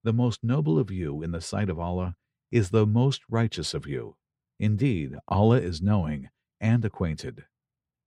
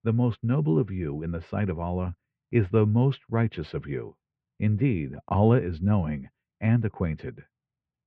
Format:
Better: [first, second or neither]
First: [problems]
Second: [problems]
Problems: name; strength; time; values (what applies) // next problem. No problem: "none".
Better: first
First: none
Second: muffled; very; fading above 2.5 kHz